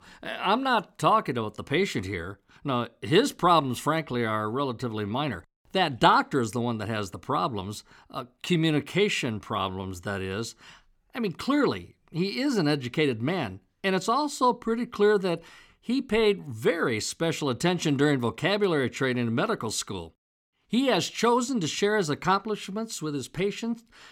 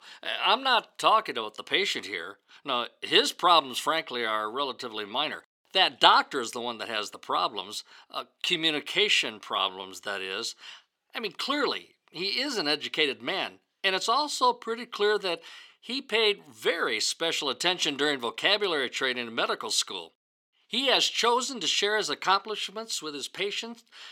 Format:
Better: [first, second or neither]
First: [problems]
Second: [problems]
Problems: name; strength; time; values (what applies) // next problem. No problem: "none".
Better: first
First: none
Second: thin; somewhat; fading below 450 Hz